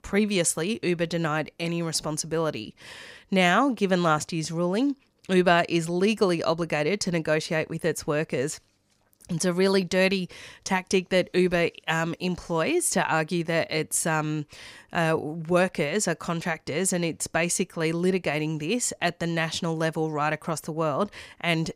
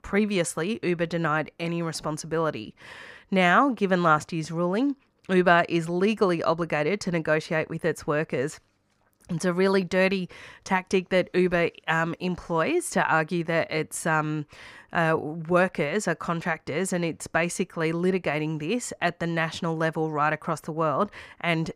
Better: first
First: none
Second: muffled; slightly; fading above 3 kHz

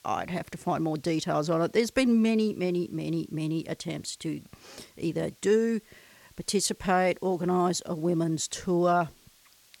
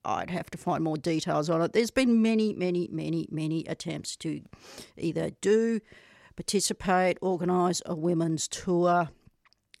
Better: second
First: hiss; faint; throughout; 30 dB below the speech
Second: none

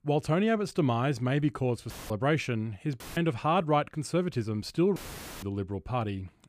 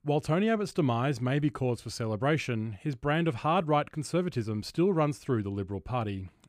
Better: second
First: audio cutting out; filled with static; at 2 s, at 3 s and at 5 s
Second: none

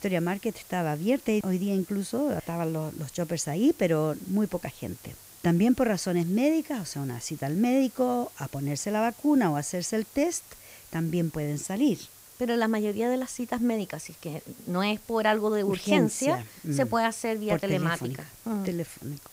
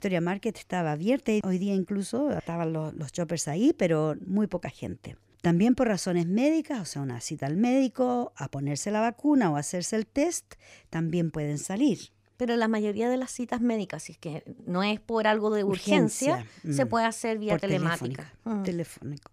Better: second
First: hiss; faint; throughout; 20 dB below the speech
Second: none

